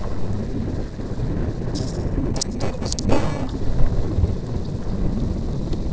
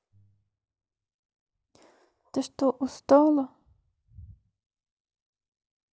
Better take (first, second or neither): second